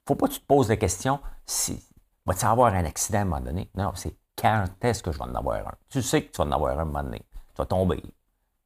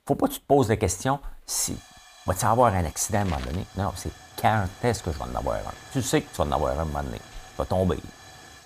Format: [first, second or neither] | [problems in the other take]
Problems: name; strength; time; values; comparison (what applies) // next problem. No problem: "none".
first | hiss; noticeable; throughout; 20 dB below the speech